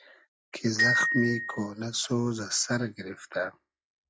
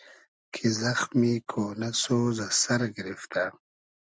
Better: second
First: noise reduction (classical method log-MMSE)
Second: none

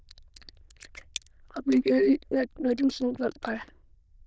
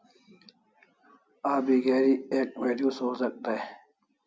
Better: second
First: noise reduction (neural diffusion model UNIVERSE++)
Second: none

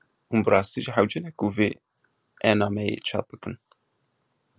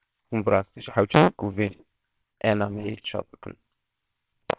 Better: first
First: none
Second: noise reduction (neural separator model SepFormer WHAMR!)

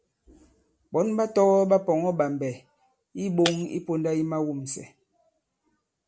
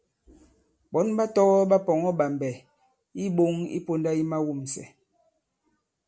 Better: second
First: background sound (Shatter); 14 dB below the speech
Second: none

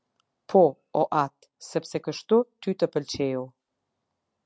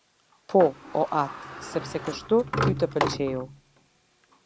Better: first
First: none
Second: background sound (Sliding door); 6 dB below the speech

